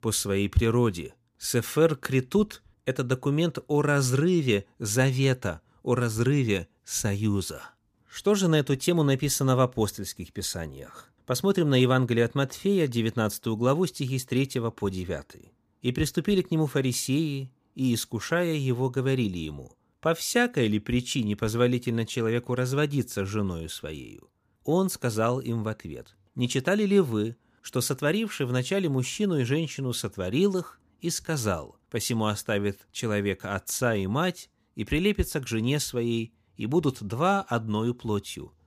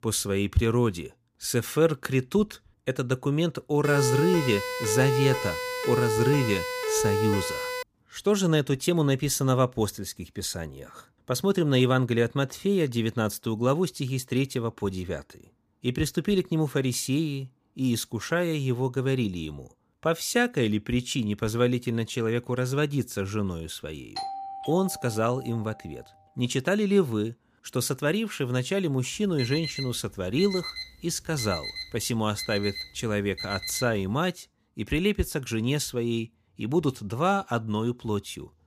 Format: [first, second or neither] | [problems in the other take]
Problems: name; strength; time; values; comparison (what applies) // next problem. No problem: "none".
first | siren; loud; from 4 to 8 s; peak 1 dB above the speech // doorbell; noticeable; from 24 to 26 s; peak 7 dB below the speech // alarm; noticeable; from 29 to 34 s; peak 6 dB below the speech